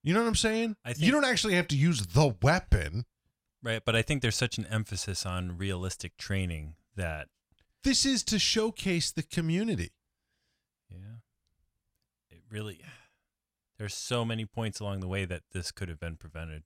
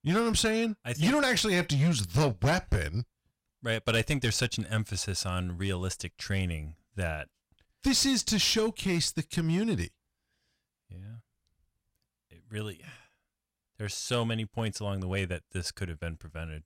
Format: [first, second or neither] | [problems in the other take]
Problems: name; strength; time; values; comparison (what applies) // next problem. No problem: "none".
first | distortion; slight; 4% of the sound clipped